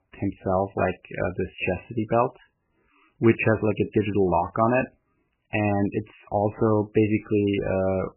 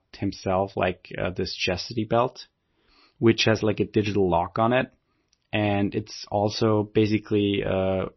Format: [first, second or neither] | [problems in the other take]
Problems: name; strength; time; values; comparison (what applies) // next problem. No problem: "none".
second | garbled, watery; badly; nothing above 2.5 kHz; slightly in the second